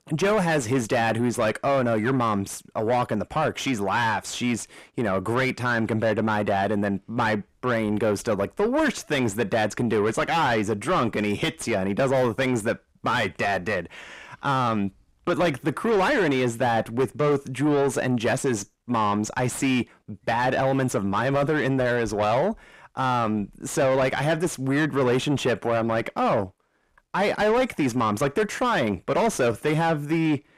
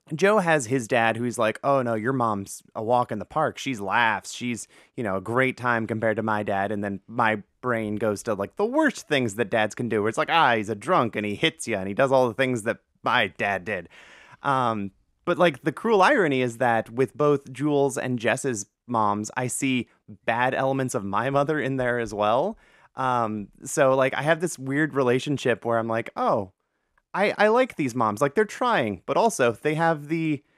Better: second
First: distortion; heavy; 6 dB below the speech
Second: none

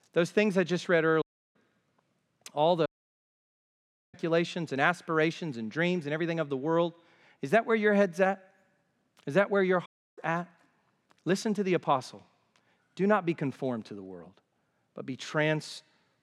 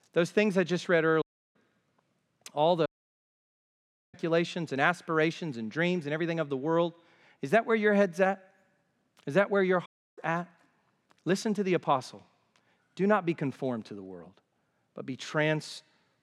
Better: neither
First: audio cutting out; at 1 s, at 3 s for 1.5 s and at 10 s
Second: audio cutting out; at 1 s, at 3 s for 1.5 s and at 10 s

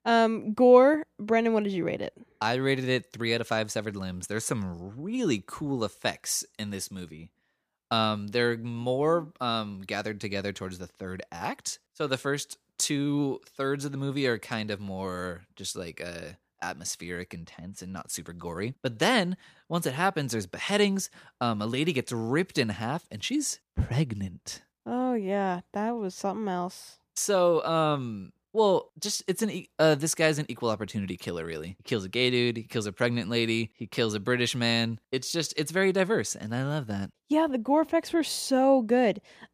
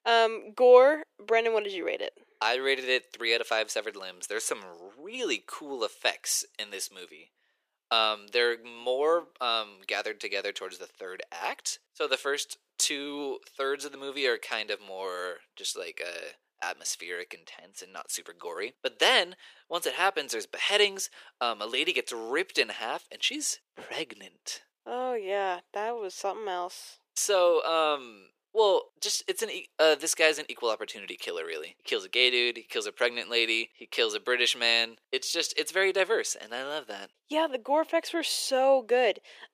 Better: first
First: none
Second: thin; very; fading below 400 Hz

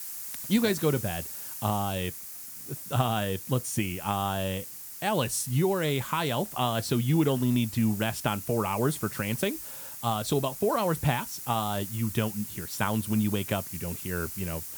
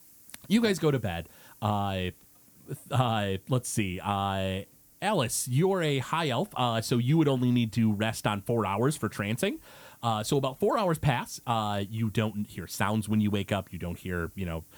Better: second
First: hiss; loud; throughout; 8 dB below the speech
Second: hiss; faint; throughout; 25 dB below the speech

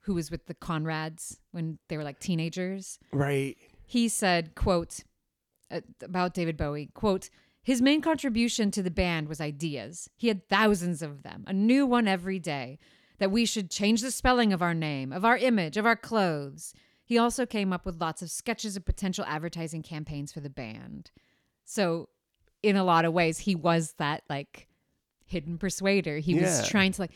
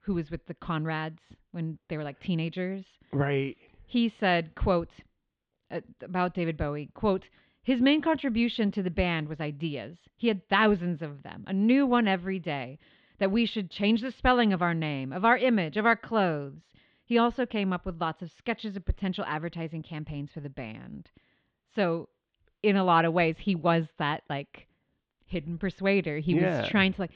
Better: first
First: none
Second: muffled; very; fading above 3.5 kHz

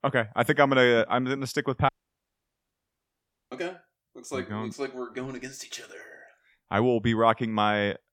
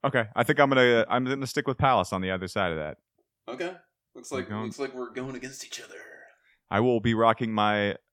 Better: second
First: audio cutting out; at 2 s for 1.5 s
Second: none

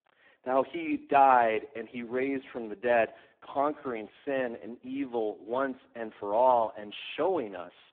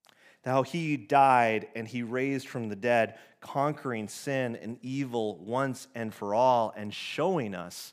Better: second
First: phone-call audio; poor line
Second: none

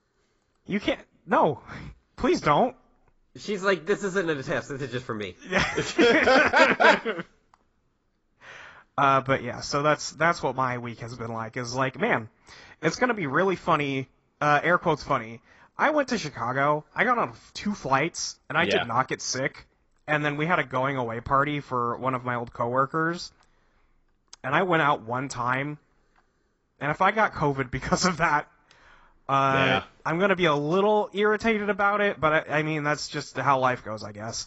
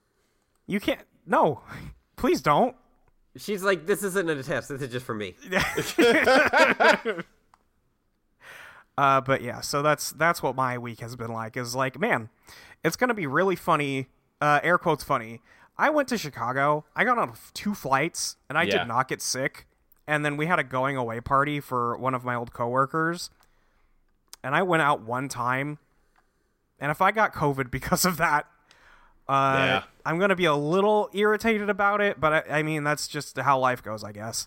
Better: second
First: garbled, watery; badly; nothing above 7.5 kHz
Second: none

